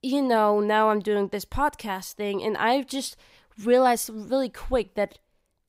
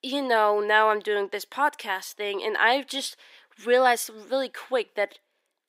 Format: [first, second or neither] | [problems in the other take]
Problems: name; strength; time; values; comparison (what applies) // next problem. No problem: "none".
first | thin; somewhat; fading below 300 Hz